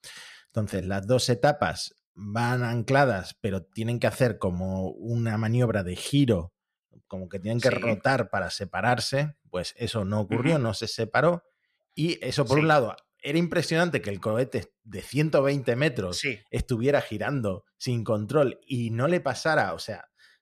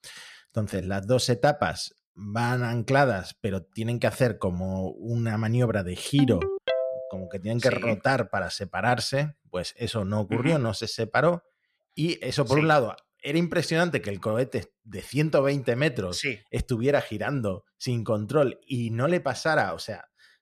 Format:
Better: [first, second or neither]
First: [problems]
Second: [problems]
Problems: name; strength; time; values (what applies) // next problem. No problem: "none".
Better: first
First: none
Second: phone ringing; noticeable; from 6 to 7 s; peak 1 dB below the speech